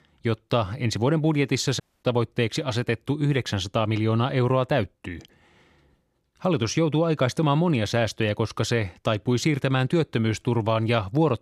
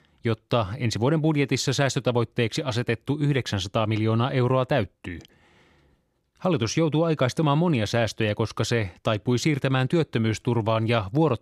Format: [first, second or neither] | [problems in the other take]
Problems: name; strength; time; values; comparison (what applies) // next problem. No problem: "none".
second | audio cutting out; at 2 s